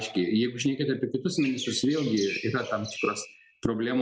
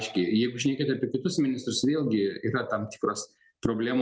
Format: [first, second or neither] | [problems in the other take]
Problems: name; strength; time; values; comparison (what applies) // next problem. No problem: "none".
second | background sound (Chirp, tweet); 11 dB below the speech